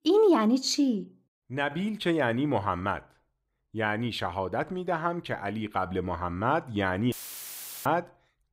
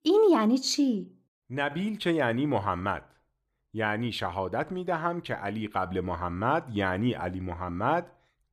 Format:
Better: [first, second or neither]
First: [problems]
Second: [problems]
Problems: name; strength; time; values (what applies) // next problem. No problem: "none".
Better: second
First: audio cutting out; filled with static; at 7 s for 0.5 s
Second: none